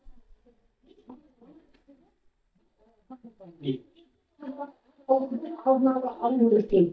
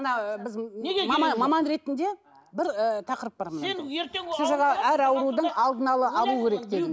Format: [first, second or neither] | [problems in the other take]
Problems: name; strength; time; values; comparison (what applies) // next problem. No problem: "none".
second | noise reduction (neural mask model DeepFilterNet 3)